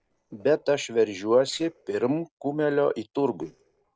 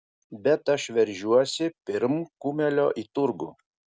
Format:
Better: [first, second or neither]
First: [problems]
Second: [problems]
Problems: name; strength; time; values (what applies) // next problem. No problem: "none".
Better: second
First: noise reduction (neural separator model SepFormer DNS4)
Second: none